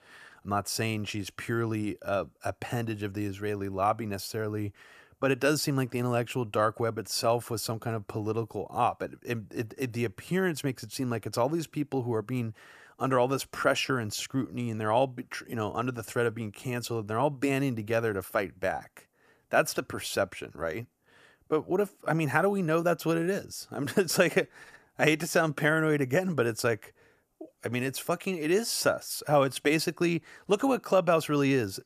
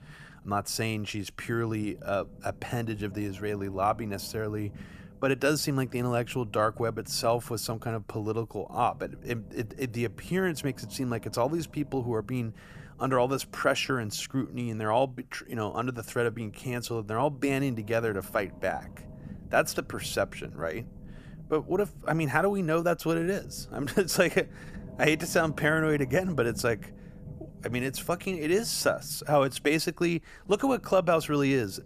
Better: first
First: none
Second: low rumble; faint; throughout; 25 dB below the speech

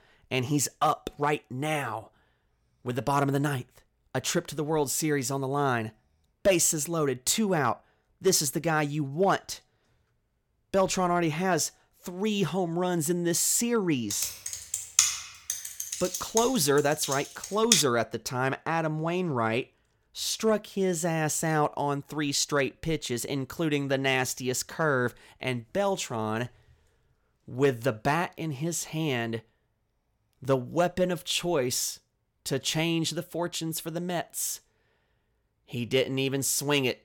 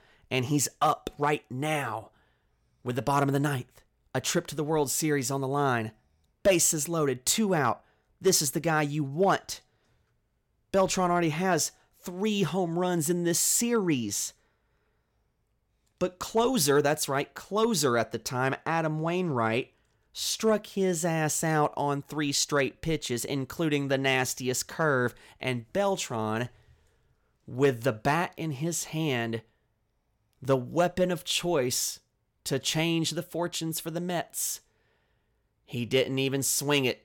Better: second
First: keyboard typing; loud; from 14 to 18 s; peak 5 dB above the speech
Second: none

